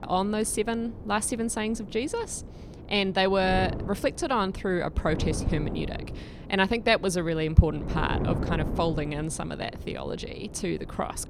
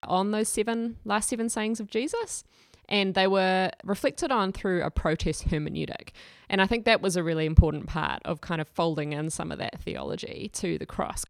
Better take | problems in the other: second | wind noise on the microphone; occasional gusts; 15 dB below the speech

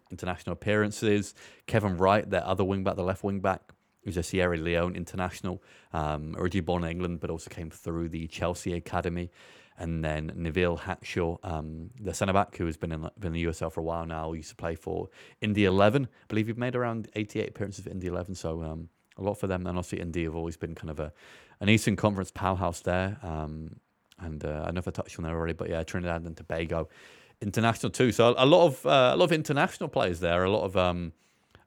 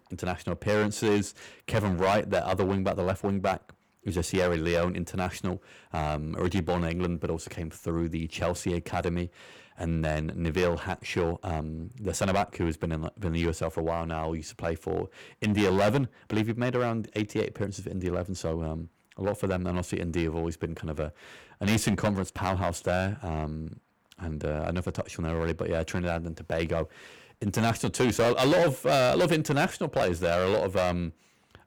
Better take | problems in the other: first | distortion; heavy; 5% of the sound clipped

